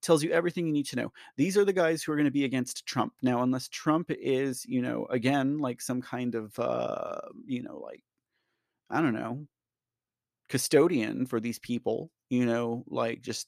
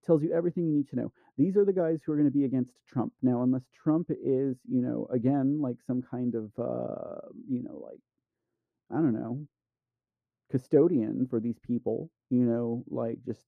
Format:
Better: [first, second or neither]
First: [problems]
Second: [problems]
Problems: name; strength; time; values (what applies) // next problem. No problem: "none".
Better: first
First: none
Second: muffled; very; fading above 1 kHz